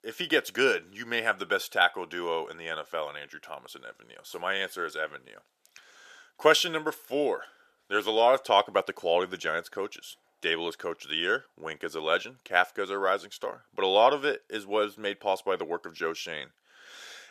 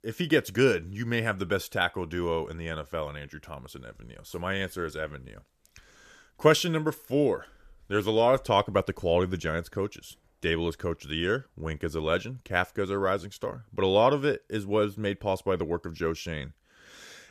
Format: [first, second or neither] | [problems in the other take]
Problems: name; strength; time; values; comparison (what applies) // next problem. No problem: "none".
second | thin; somewhat; fading below 400 Hz